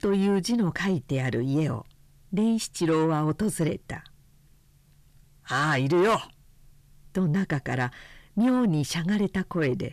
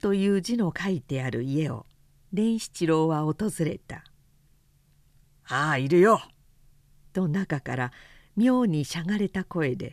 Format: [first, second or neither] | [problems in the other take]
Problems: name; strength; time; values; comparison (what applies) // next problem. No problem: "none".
second | distortion; slight; 10 dB below the speech